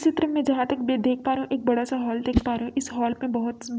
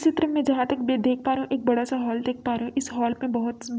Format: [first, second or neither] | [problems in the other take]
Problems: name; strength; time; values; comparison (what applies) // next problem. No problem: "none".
second | background sound (Whoosh, swoosh, swish); 8 dB below the speech